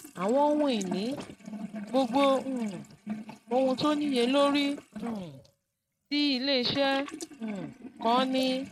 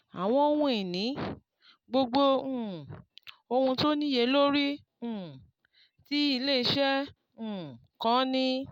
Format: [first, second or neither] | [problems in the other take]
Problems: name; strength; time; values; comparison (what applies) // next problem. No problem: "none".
second | noise reduction (neural mask model RNNoise)